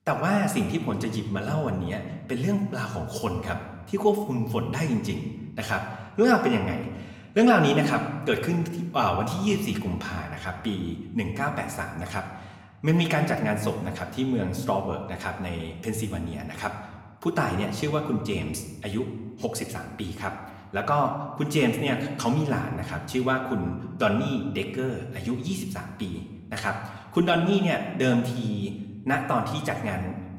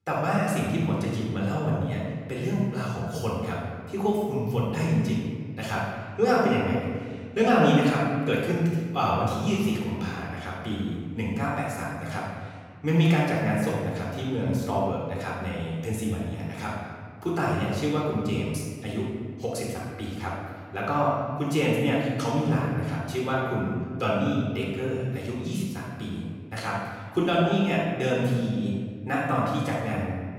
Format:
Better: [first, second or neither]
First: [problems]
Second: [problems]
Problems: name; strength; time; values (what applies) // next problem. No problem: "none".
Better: first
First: room echo; slight; dies away in 1.1 s // off-mic speech; somewhat distant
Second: room echo; strong; dies away in 1.7 s // off-mic speech; far